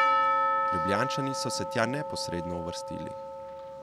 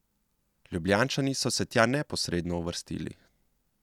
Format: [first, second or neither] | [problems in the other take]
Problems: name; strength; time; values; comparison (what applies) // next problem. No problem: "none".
second | background sound (Percussion); 5 dB above the speech